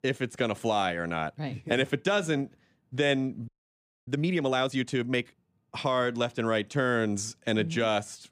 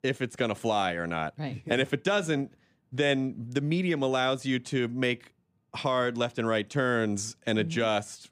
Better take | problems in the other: second | audio freezing; at 3.5 s for 0.5 s

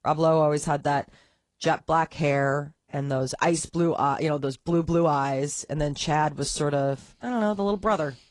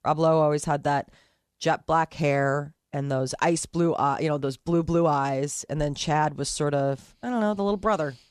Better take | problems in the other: second | garbled, watery; slightly

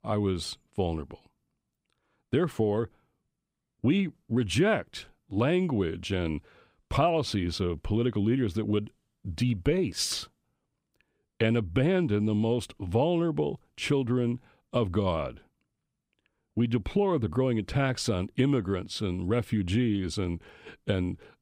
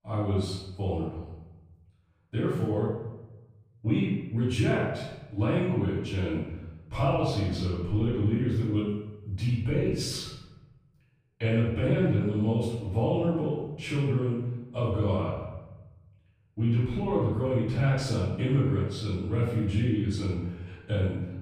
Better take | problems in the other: first | room echo; strong; dies away in 1 s // off-mic speech; far

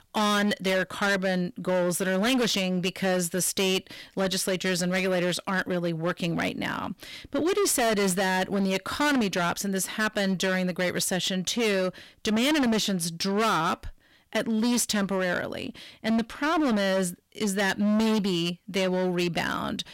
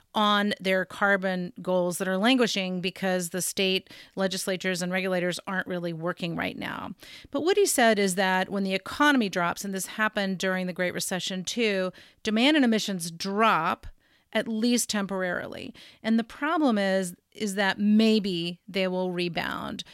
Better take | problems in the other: second | distortion; heavy; 18% of the sound clipped

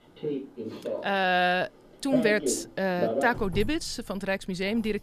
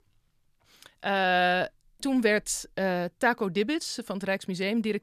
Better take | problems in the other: second | alarms or sirens; loud; throughout; 6 dB below the speech

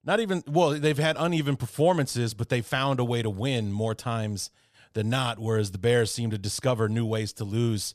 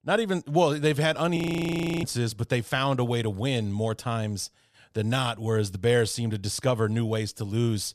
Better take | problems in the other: first | audio freezing; at 1.5 s for 0.5 s

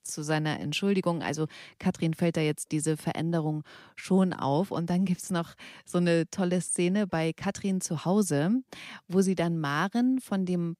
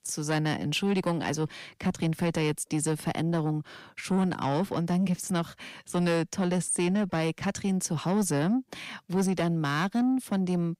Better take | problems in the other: first | distortion; slight; 10 dB below the speech

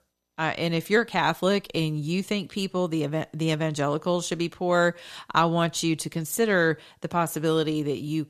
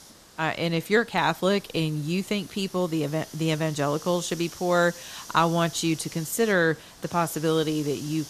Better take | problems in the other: first | hiss; noticeable; throughout; 15 dB below the speech

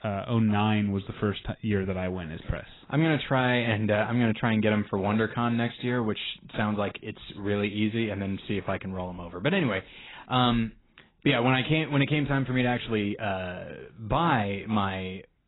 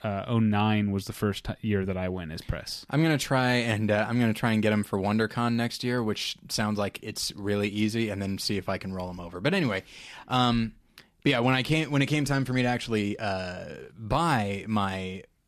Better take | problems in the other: second | garbled, watery; badly; nothing above 4 kHz

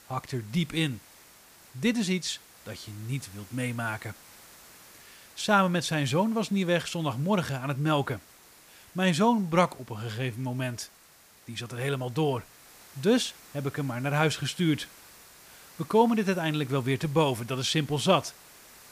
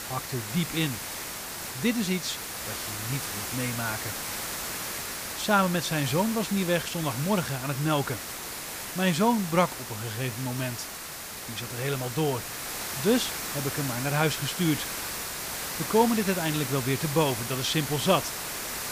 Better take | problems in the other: first | hiss; loud; throughout; 5 dB below the speech; faint in the first

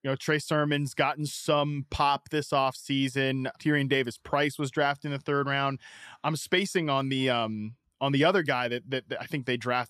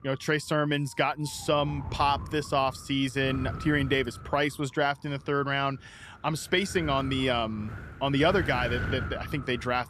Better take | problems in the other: first | wind noise on the microphone; occasional gusts; 15 dB below the speech

